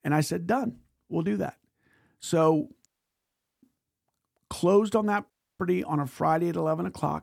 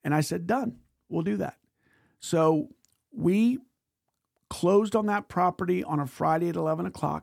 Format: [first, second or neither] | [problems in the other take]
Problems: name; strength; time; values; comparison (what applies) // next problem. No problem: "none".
second | audio cutting out; at 3 s for 1 s and at 5.5 s